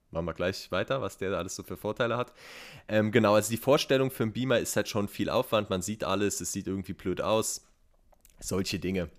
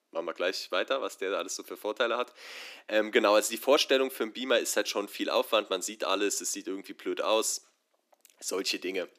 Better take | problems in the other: first | thin; somewhat; fading below 300 Hz

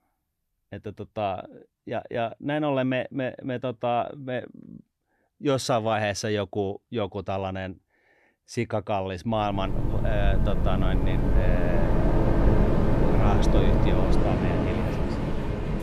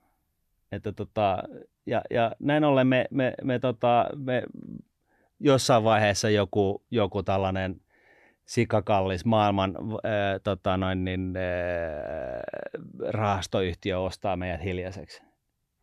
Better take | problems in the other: second | train or aircraft noise; very loud; from 9.5 s on; 4 dB above the speech

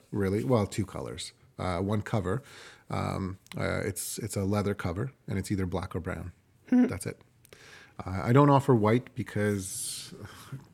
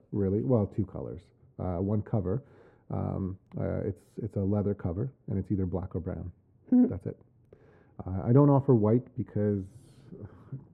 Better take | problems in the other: first | muffled; very; fading above 1.5 kHz

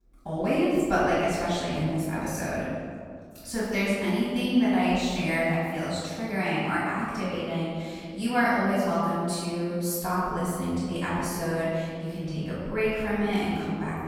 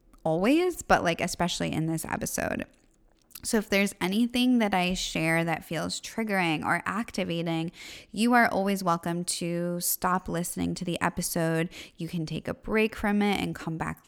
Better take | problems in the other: second | off-mic speech; far // room echo; strong; dies away in 2.1 s

